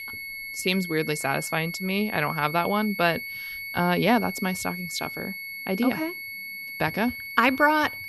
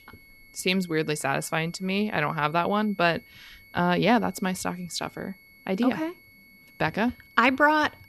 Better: second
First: high-pitched whine; loud; throughout; 2 kHz, 8 dB below the speech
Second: high-pitched whine; faint; throughout; 2 kHz, 25 dB below the speech

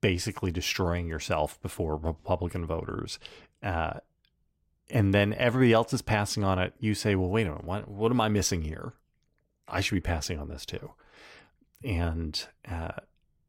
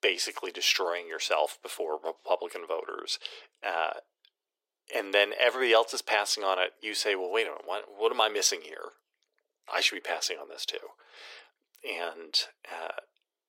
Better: first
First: none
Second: thin; very; fading below 400 Hz

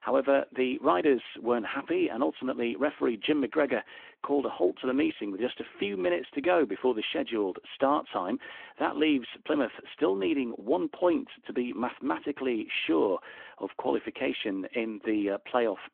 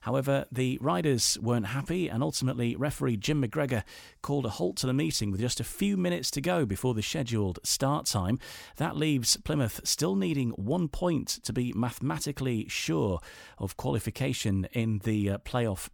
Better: second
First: phone-call audio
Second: none

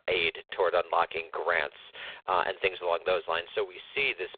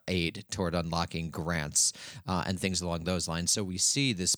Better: second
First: phone-call audio; poor line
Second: none

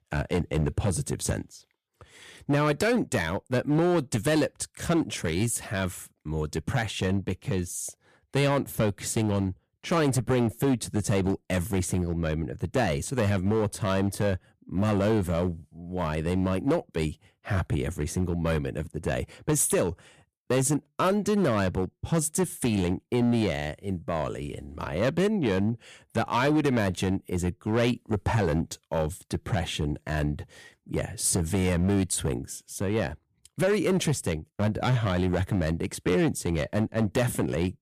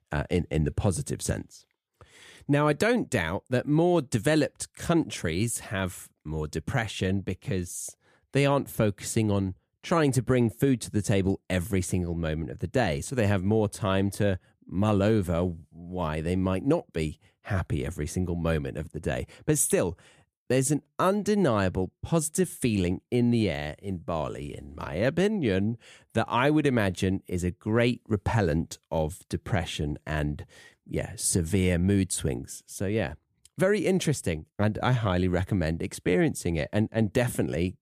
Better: second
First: distortion; slight; 7% of the sound clipped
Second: none

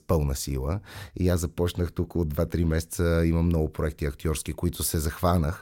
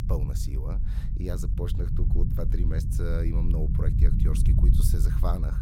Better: first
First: none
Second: low rumble; loud; throughout; 3 dB below the speech

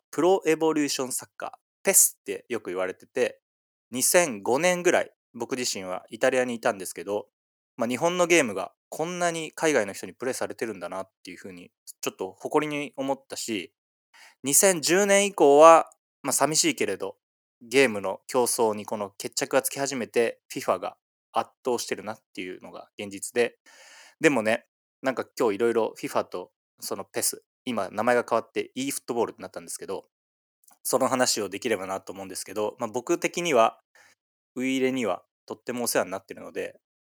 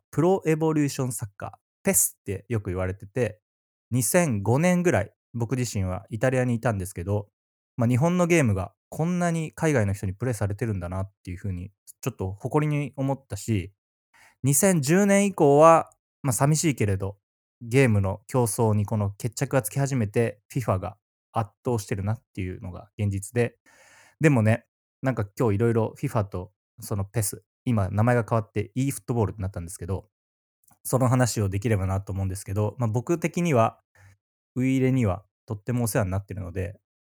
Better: second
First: thin; somewhat; fading below 300 Hz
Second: none

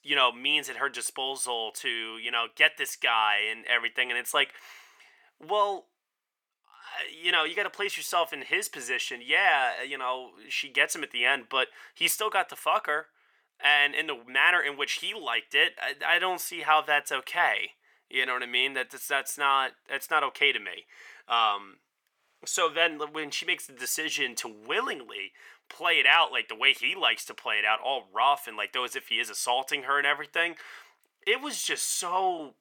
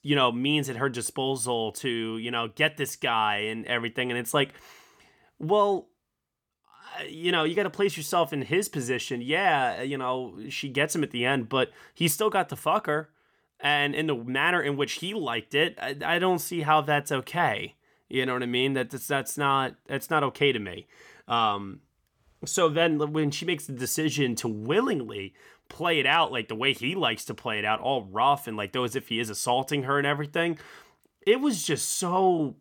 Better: second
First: thin; very; fading below 650 Hz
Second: none

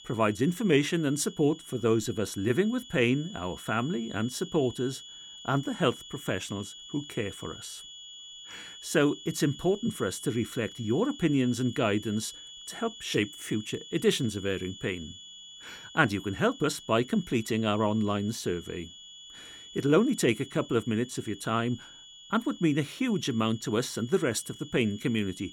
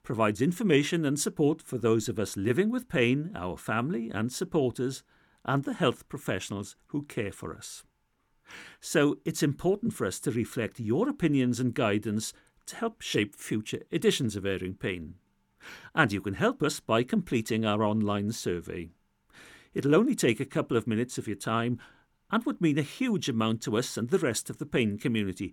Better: second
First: high-pitched whine; noticeable; throughout; 3.5 kHz, 15 dB below the speech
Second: none

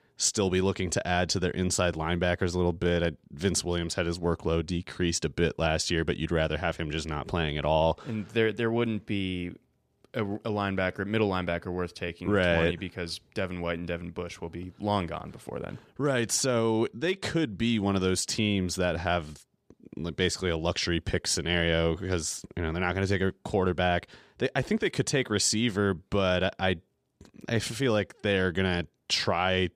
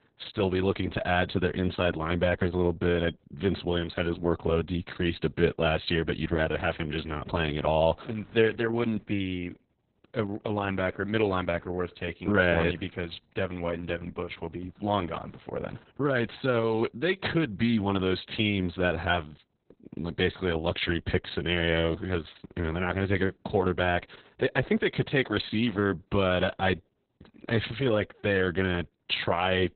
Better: first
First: none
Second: garbled, watery; badly; nothing above 4 kHz

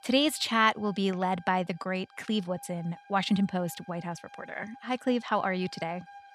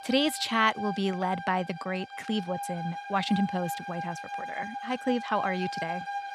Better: first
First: background music; faint; throughout; 25 dB below the speech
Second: background music; loud; throughout; 7 dB below the speech

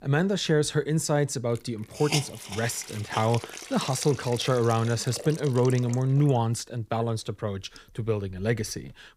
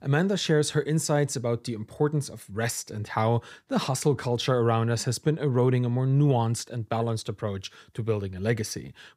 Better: second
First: hiss; loud; throughout; 10 dB below the speech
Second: none

